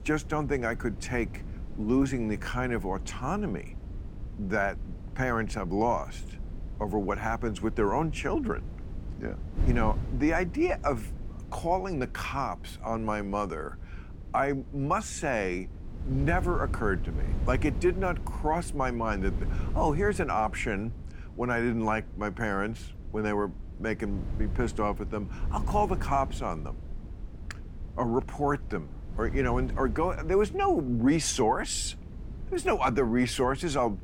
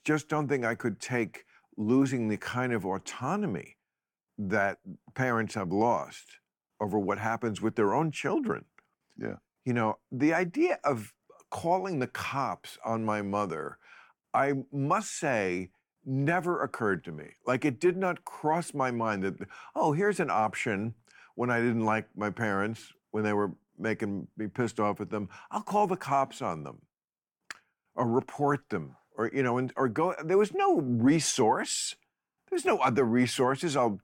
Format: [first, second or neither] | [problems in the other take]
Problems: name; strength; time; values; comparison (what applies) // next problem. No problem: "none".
second | wind noise on the microphone; occasional gusts; 20 dB below the speech